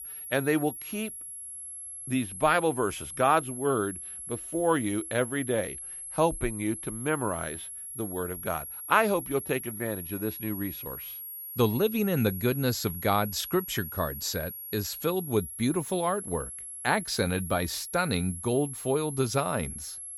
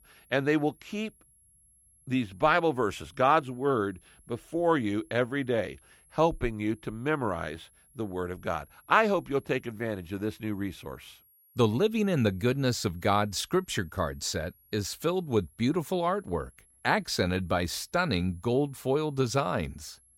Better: second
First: high-pitched whine; loud; throughout; 11.5 kHz, 8 dB below the speech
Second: high-pitched whine; faint; throughout; 11.5 kHz, 30 dB below the speech

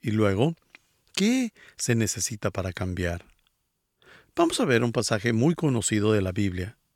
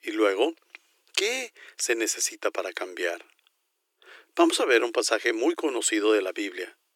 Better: first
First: none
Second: thin; very; fading below 300 Hz

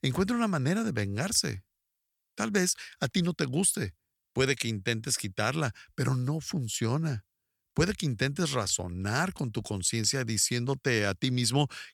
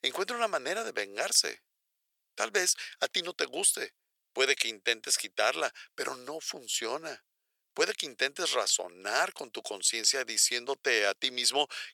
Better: first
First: none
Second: thin; very; fading below 450 Hz

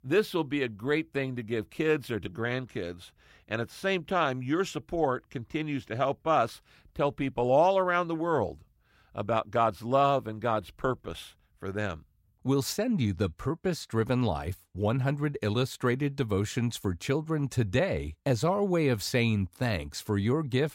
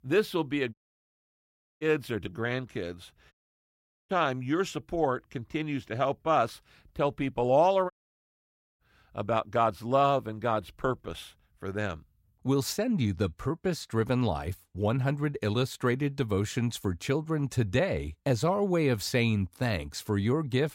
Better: first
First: none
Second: audio cutting out; at 0.5 s for 1 s, at 3.5 s for 1 s and at 8 s for 1 s

